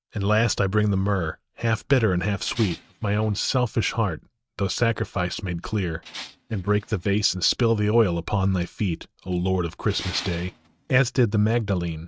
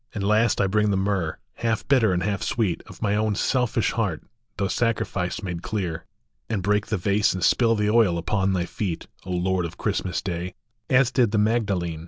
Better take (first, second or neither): second